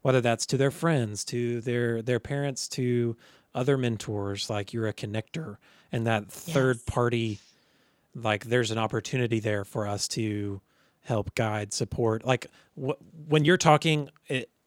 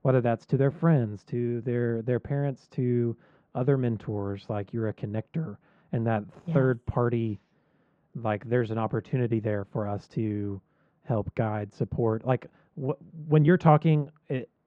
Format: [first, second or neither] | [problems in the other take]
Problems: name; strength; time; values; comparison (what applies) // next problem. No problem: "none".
first | muffled; very; fading above 1.5 kHz